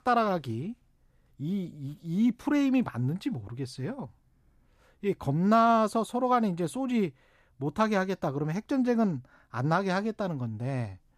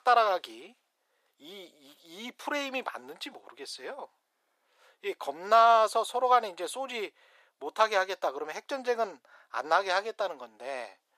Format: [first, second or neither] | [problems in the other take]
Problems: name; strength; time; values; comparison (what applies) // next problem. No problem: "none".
first | thin; very; fading below 500 Hz